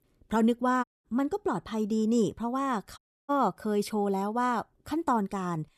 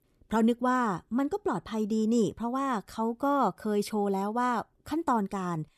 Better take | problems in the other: second | audio cutting out; at 1 s and at 3 s

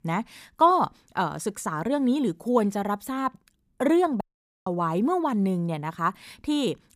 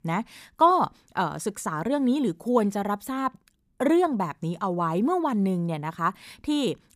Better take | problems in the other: second | audio cutting out; at 4 s

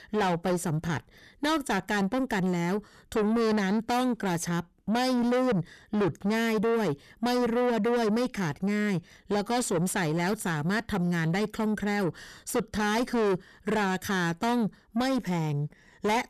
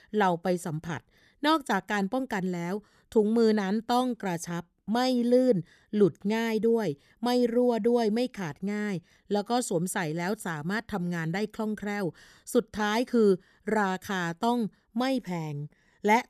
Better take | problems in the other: second | distortion; heavy; 6 dB below the speech

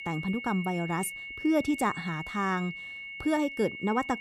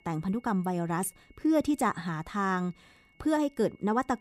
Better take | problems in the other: second | high-pitched whine; loud; throughout; 2 kHz, 8 dB below the speech; faint in the second

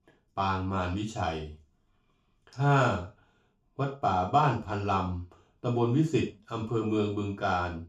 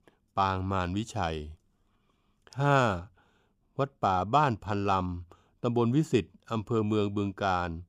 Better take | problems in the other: second | room echo; noticeable; dies away in 0.3 s // off-mic speech; far

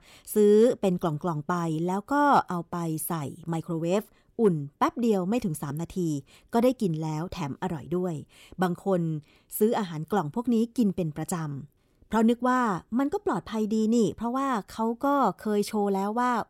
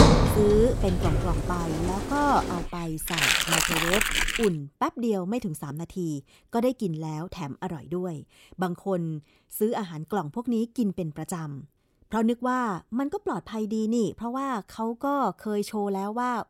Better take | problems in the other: first | household noises; very loud; until 4.5 s; 3 dB above the speech

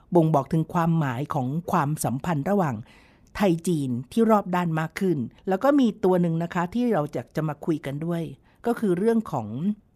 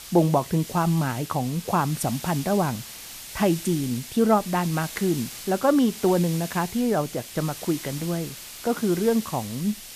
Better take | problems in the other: first | hiss; noticeable; throughout; 10 dB below the speech

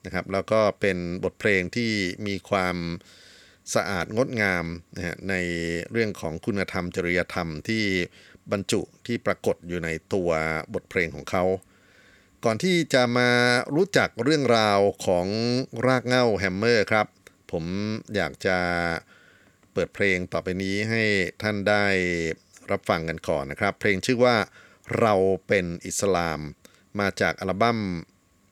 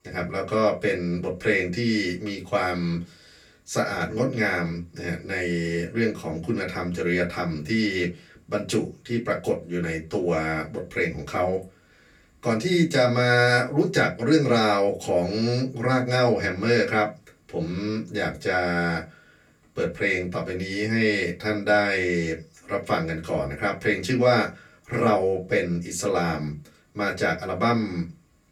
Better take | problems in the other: first | off-mic speech; far // room echo; very slight; dies away in 0.2 s

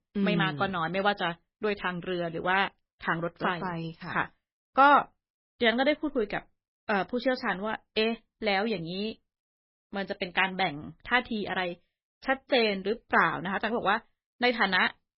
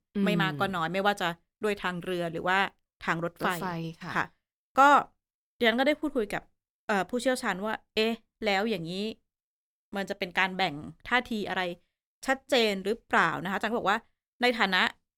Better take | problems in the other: second | garbled, watery; badly

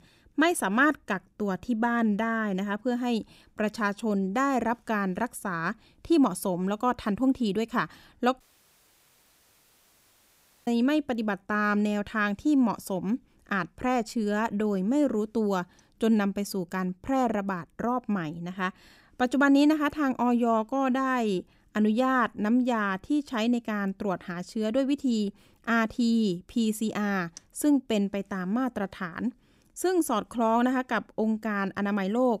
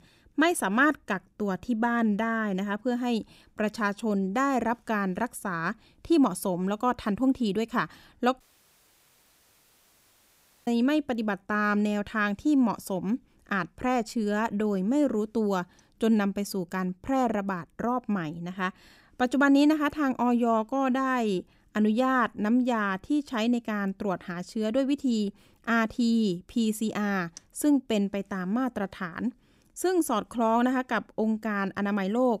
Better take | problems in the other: neither | audio cutting out; at 8.5 s for 2.5 s; the same in both

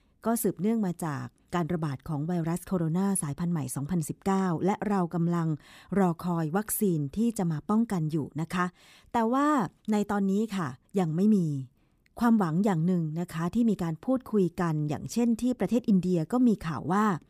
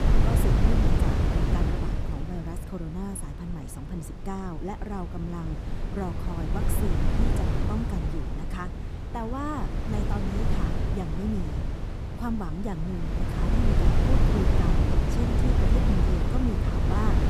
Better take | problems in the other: first | wind noise on the microphone; heavy; 3 dB above the speech

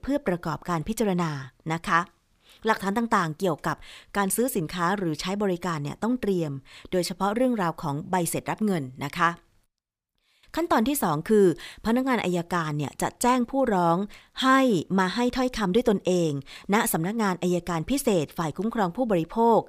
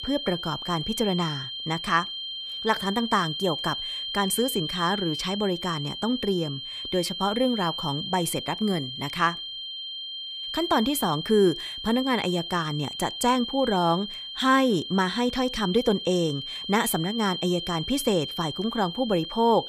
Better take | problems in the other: first | high-pitched whine; loud; throughout; 3 kHz, 6 dB below the speech

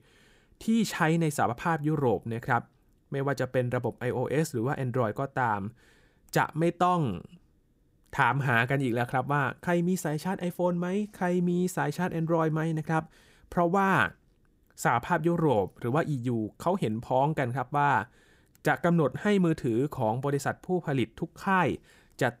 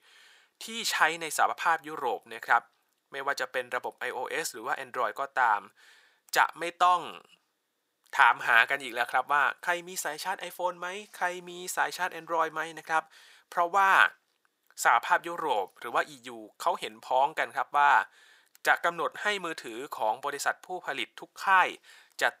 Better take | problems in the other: first | thin; very; fading below 950 Hz

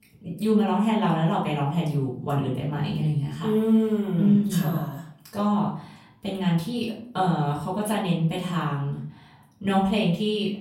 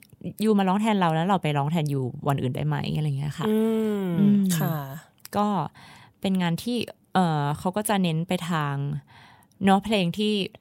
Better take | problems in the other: second | off-mic speech; far // room echo; slight; dies away in 0.5 s

